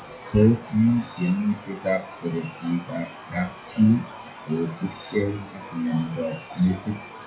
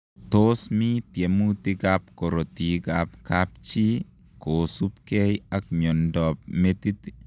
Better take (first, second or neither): second